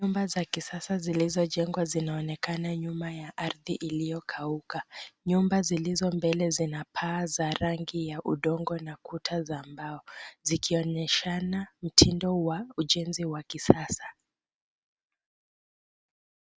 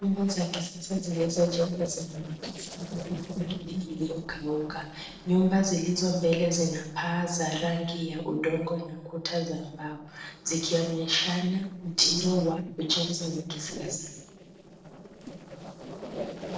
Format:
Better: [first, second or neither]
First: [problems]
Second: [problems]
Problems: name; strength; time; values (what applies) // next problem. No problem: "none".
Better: first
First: none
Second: noise reduction (neural separator model SepFormer DNS4)